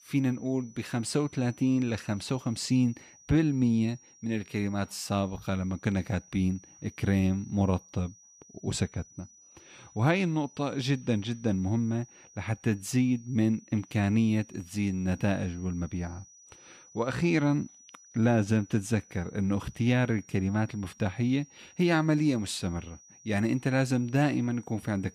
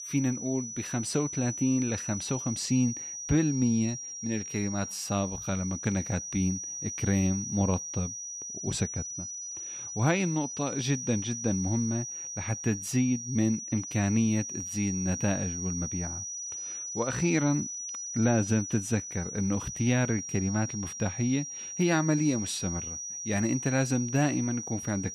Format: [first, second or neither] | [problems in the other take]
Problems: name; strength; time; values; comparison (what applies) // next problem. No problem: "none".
first | high-pitched whine; loud; throughout; 6 kHz, 6 dB below the speech; faint in the first